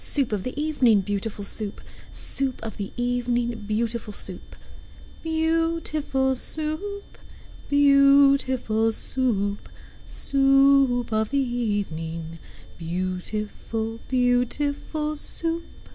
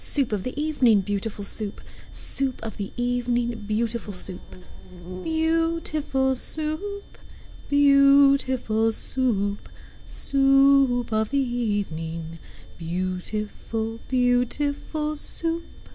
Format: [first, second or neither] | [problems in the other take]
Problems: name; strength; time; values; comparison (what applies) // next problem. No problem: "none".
first | background sound (Insect); 16 dB below the speech